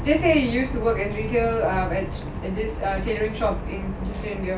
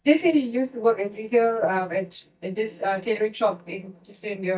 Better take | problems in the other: first | noise reduction (neural mask model DeepFilterNet 3)

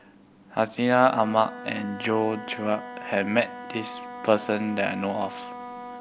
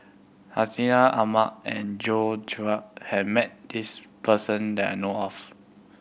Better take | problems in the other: second | background sound (Wind instrument, woodwind instrument); 13 dB below the speech

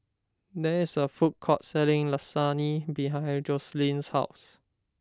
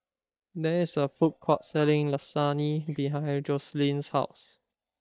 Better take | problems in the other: first | noise reduction (neural mask model DeepFilterNet 3)

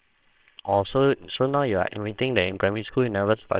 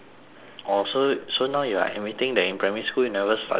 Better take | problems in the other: second | noise reduction (neural separator model SepFormer WHAMR!)

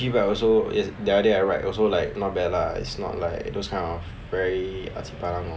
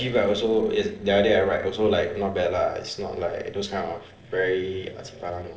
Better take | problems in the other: first | noise reduction (neural separator model SepFormer DNS4)

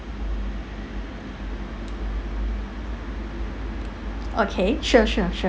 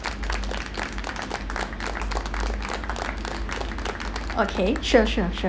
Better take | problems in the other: first | background sound (Applause); 7 dB below the speech

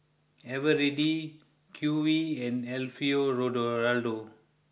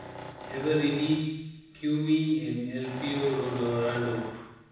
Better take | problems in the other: first | background sound (Tools); 13 dB below the speech // room echo; dies away in 1.1 s

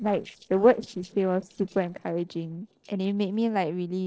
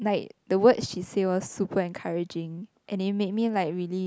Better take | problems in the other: second | noise reduction (neural separator model SepFormer DNS4)

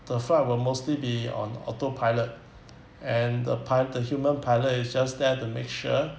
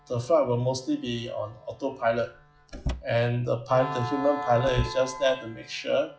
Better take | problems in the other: first | noise reduction (classical method log-MMSE)

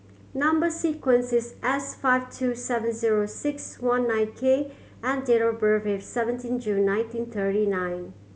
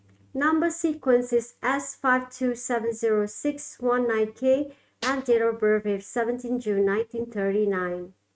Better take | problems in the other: first | noise reduction (neural mask model RNNoise)

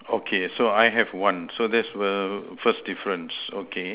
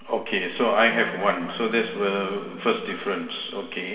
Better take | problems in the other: first | background sound (Wind instrument, woodwind instrument); 18 dB below the speech // room echo; dies away in 2.1 s

